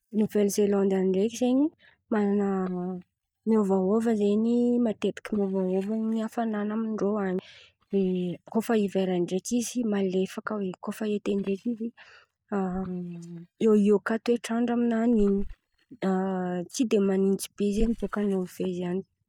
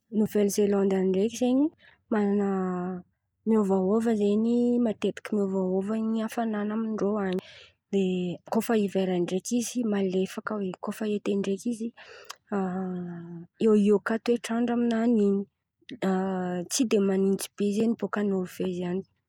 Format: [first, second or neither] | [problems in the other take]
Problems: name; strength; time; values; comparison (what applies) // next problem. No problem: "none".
second | noise reduction (neural mask model DeepFilterNet 3)